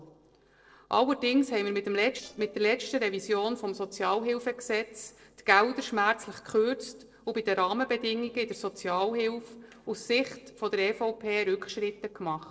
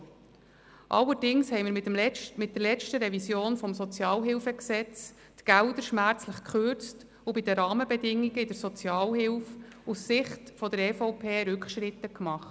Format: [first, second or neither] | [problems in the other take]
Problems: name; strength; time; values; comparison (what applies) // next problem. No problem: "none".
second | noise reduction (neural separator model SepFormer DNS4)